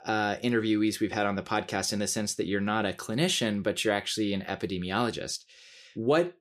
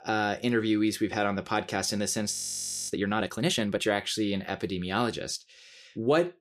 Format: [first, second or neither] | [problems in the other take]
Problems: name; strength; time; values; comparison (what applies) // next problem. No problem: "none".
first | audio freezing; at 2.5 s for 0.5 s